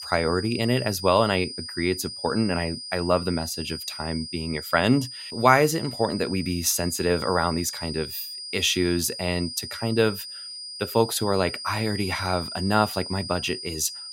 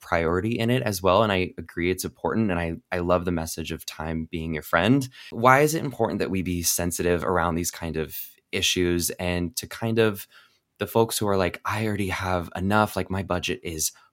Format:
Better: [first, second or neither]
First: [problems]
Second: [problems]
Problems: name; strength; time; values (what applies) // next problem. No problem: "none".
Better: second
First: high-pitched whine; loud; throughout; 5 kHz, 9 dB below the speech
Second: none